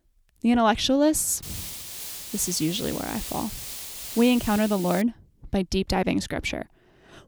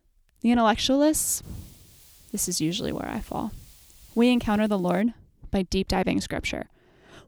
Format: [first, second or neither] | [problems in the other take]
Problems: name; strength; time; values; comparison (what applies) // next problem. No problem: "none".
second | hiss; loud; from 1.5 to 5 s; 10 dB below the speech; faint in the second